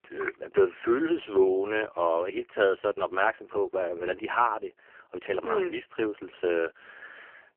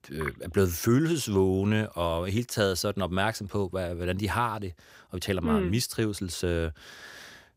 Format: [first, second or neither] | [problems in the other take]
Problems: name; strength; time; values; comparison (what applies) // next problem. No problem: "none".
second | phone-call audio; poor line; nothing above 3 kHz